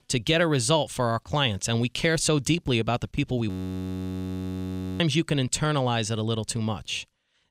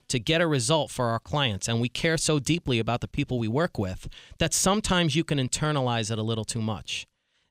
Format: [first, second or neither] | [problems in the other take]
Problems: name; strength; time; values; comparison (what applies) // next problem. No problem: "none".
second | audio freezing; at 3.5 s for 1.5 s